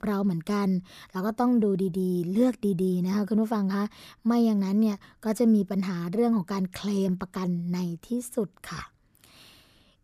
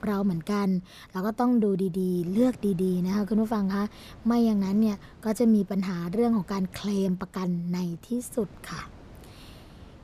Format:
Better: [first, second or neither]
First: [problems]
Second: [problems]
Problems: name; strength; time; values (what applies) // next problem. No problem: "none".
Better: first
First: none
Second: wind noise on the microphone; occasional gusts; 25 dB below the speech